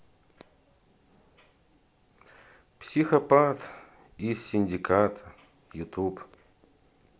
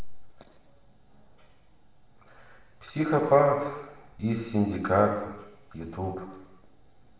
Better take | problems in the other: first | room echo; dies away in 1 s

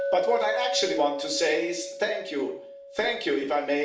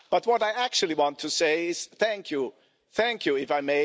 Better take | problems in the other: second | background sound (Chink, clink); 6 dB below the speech // room echo; dies away in 0.5 s

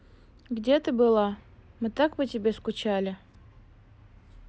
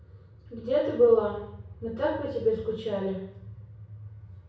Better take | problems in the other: first | room echo; dies away in 0.6 s

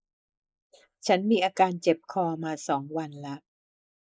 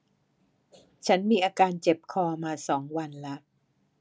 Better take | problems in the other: second | noise reduction (neural mask model Resemble Enhance denoiser)

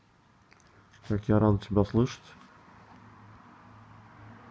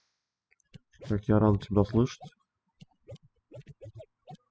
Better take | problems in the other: first | noise reduction (classical method spectral subtraction)

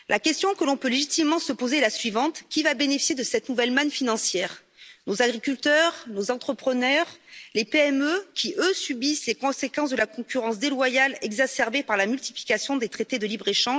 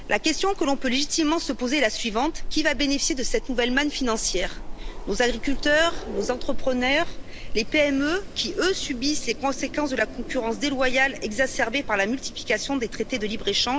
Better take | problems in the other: first | background sound (Wind); 6 dB below the speech

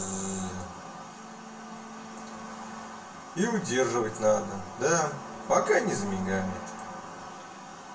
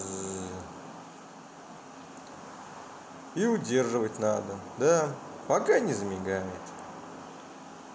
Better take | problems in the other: second | background sound (Bowed string instrument); 19 dB below the speech // room echo; dies away in 0.2 s

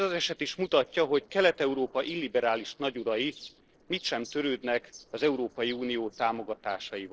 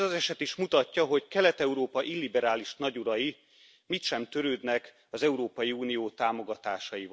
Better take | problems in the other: second | noise reduction (neural separator model SepFormer DNS4)

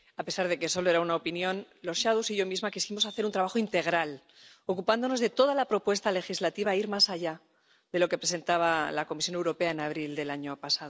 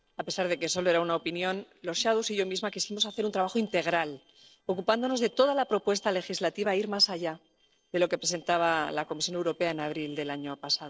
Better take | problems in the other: first | noise reduction (neural separator model SepFormer DNS4)

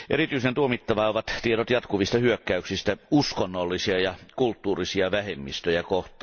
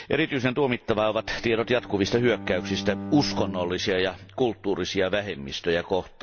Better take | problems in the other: first | background sound (Bowed string instrument); 14 dB below the speech

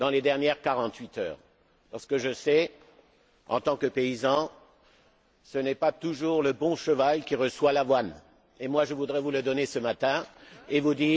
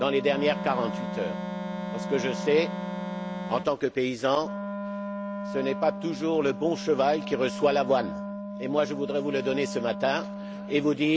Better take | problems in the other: first | background sound (Organ + Wind instrument, woodwind instrument); 7 dB below the speech

